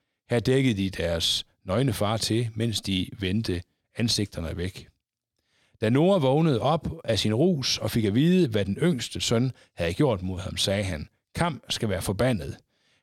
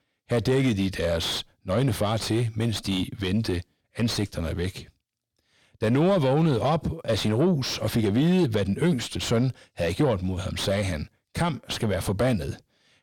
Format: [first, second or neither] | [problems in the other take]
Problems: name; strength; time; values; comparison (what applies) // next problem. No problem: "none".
first | distortion; slight; 10 dB below the speech